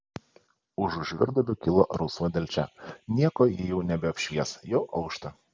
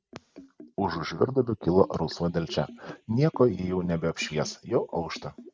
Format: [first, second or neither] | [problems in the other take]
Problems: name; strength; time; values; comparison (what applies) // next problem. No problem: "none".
first | noise reduction (neural mask model RNNoise)